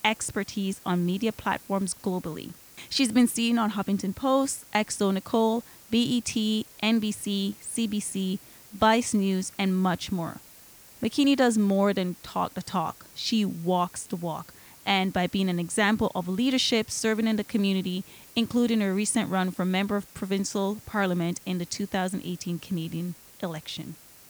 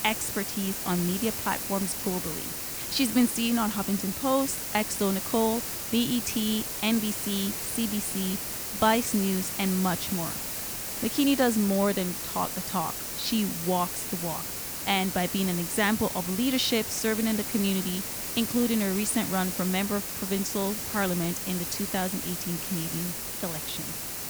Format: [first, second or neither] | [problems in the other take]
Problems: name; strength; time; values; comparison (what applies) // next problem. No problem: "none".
first | hiss; loud; throughout; 2 dB below the speech; faint in the first